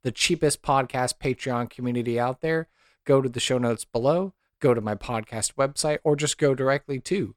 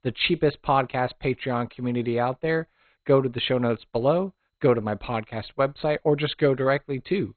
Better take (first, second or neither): first